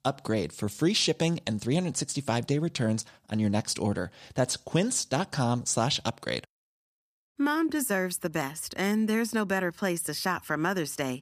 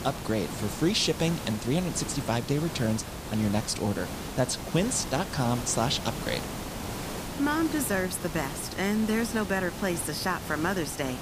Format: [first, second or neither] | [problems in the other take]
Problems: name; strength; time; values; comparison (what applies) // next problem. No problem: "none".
first | hiss; loud; throughout; 8 dB below the speech